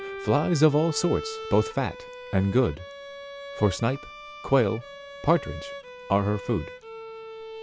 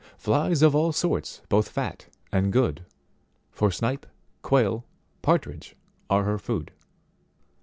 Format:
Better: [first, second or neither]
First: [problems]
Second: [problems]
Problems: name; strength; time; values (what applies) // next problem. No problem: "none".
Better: second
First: background sound (Bowed string instrument); 13 dB below the speech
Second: none